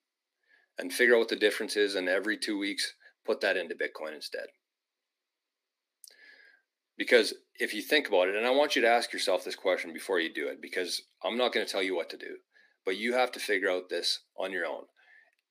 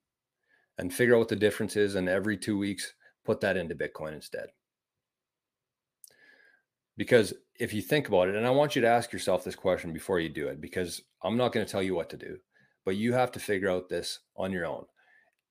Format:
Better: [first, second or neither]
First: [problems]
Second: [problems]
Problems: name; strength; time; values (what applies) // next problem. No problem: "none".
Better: second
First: thin; very slightly; fading below 250 Hz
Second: none